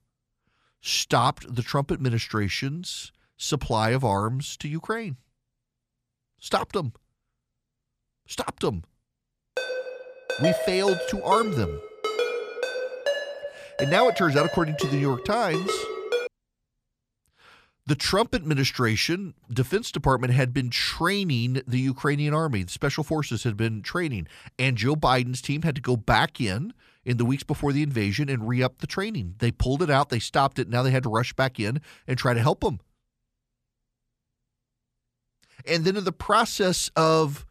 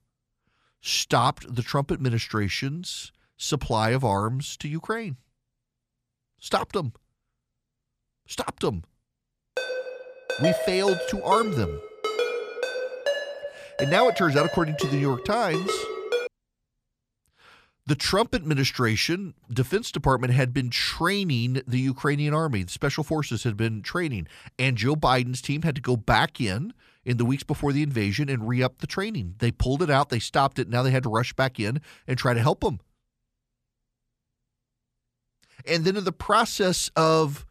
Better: neither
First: phone ringing; noticeable; from 9.5 to 16 s; peak 1 dB below the speech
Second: phone ringing; noticeable; from 9.5 to 16 s; peak 1 dB below the speech

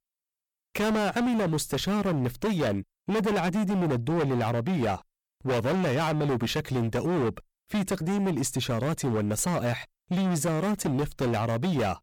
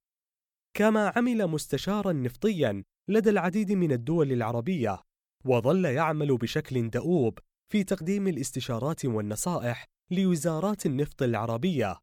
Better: second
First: distortion; heavy; 28% of the sound clipped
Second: none

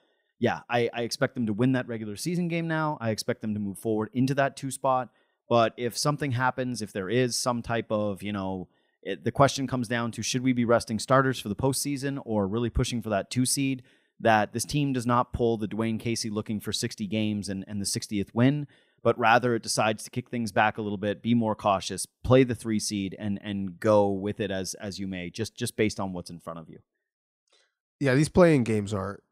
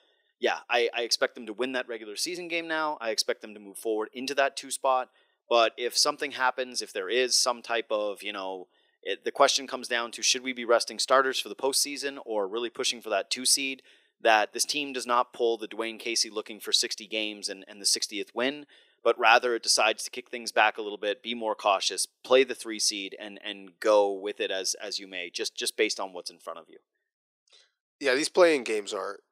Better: first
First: none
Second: thin; very; fading below 400 Hz

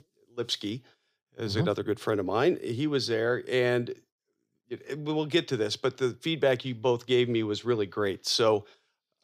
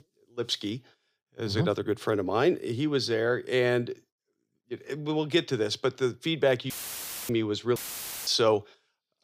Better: first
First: none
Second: audio cutting out; filled with static; at 6.5 s for 0.5 s and at 8 s for 0.5 s

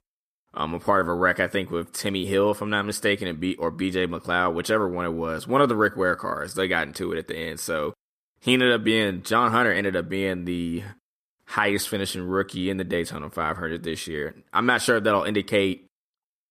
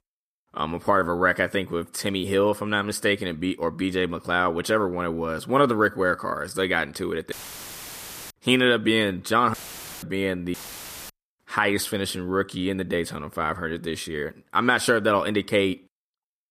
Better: first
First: none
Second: audio cutting out; filled with static; at 7.5 s for 1 s, at 9.5 s and at 11 s for 0.5 s

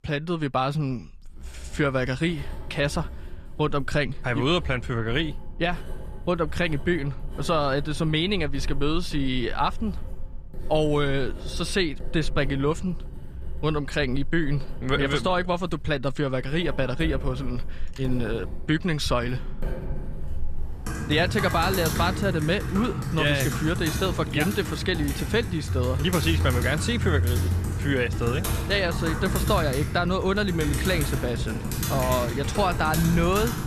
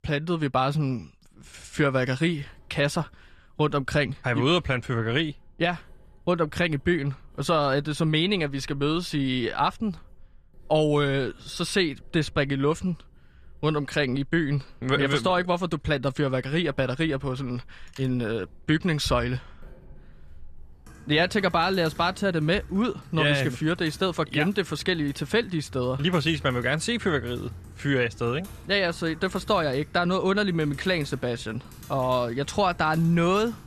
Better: second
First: household noises; loud; throughout; 5 dB below the speech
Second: household noises; faint; throughout; 25 dB below the speech

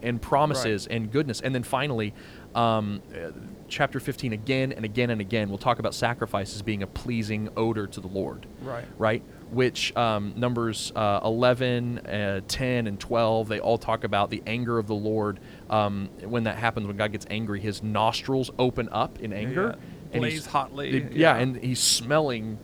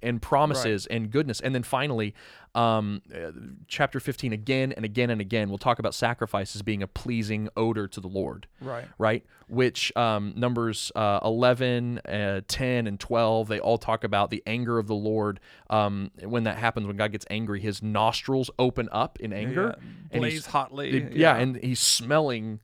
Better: second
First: hiss; noticeable; throughout; 20 dB below the speech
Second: none

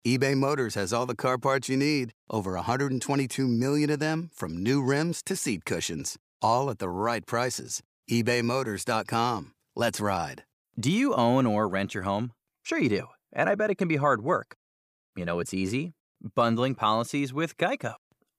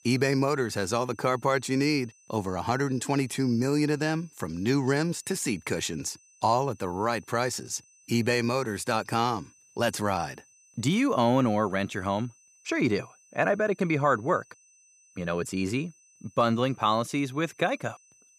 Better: first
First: none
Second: high-pitched whine; faint; throughout; 6 kHz, 30 dB below the speech

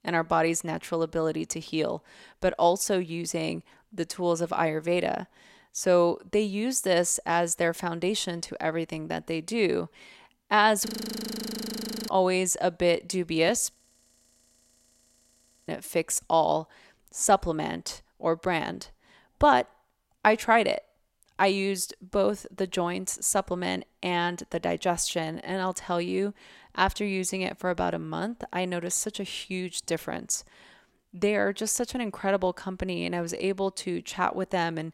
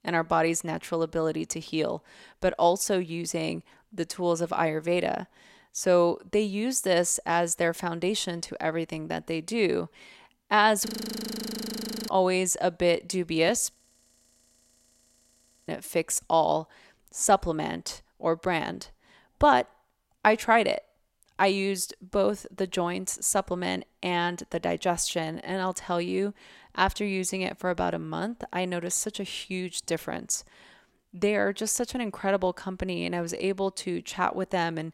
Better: neither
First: audio freezing; at 11 s for 1 s and at 14 s for 2 s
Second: audio freezing; at 11 s for 1 s and at 14 s for 2 s

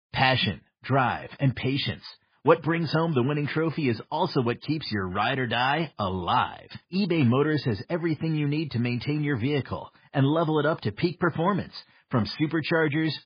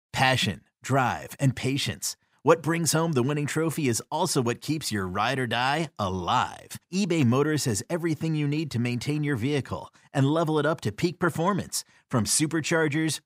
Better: second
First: garbled, watery; badly; nothing above 5 kHz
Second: none

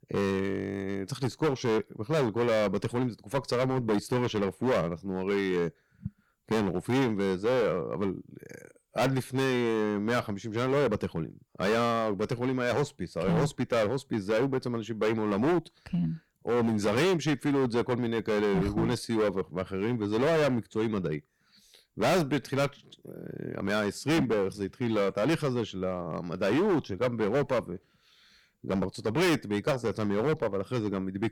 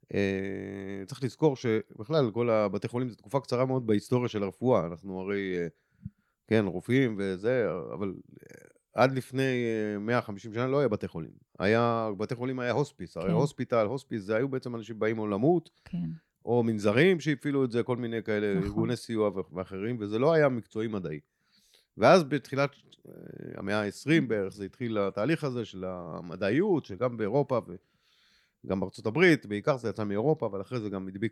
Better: second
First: distortion; heavy; 13% of the sound clipped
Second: none

